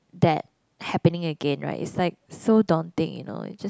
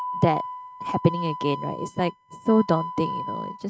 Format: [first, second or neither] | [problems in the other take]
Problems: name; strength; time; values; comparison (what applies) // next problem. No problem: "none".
first | noise reduction (neural mask model RNNoise)